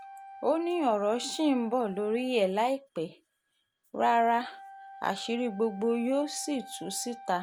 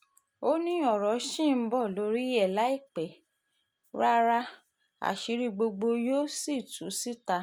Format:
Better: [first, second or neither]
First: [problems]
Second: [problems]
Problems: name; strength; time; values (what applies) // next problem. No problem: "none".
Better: second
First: background sound (Wind instrument, woodwind instrument); 18 dB below the speech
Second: none